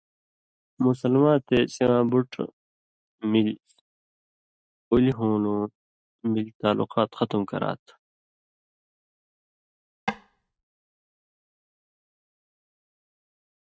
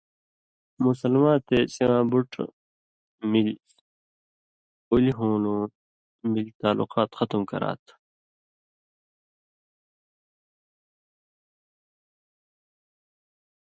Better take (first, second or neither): second